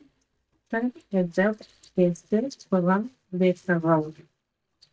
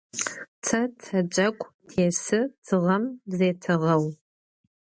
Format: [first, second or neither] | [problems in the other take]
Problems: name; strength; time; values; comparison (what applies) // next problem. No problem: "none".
second | noise reduction (neural mask model DeepFilterNet 3)